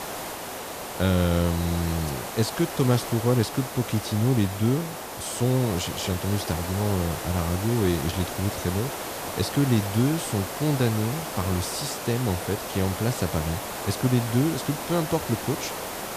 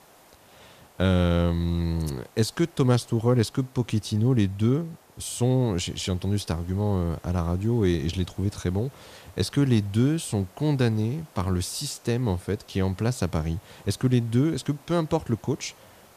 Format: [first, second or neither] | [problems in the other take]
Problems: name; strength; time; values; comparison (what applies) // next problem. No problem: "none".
second | hiss; loud; throughout; 6 dB below the speech; faint in the second